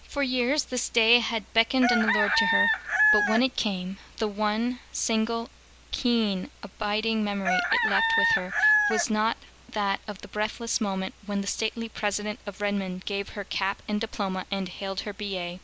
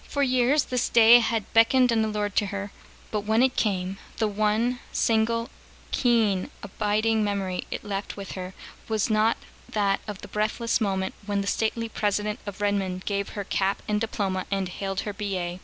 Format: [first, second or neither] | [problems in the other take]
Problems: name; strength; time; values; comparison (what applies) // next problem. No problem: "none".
second | background sound (Chicken, rooster); 2 dB above the speech